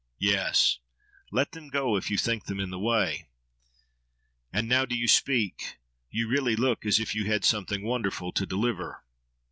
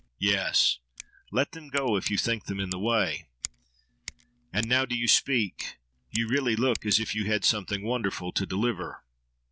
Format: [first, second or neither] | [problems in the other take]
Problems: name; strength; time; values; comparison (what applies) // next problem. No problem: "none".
first | background sound (Scissors); 16 dB below the speech